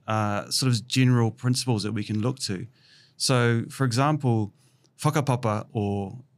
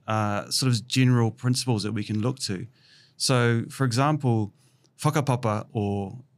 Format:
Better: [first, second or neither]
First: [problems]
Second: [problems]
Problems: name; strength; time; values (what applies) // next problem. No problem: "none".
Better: neither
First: none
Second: none